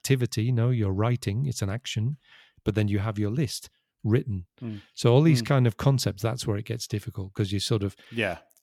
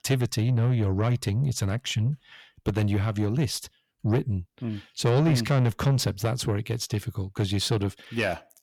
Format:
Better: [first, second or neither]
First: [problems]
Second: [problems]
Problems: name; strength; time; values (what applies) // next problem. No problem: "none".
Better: first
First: none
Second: distortion; slight; 10 dB below the speech